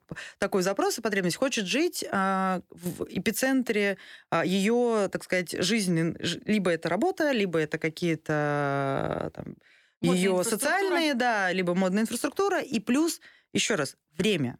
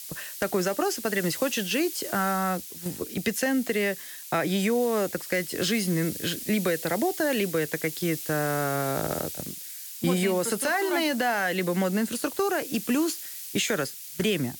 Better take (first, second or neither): first